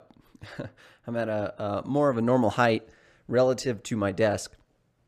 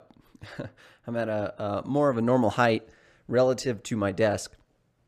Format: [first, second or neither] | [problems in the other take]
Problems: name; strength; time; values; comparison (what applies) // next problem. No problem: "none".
neither | none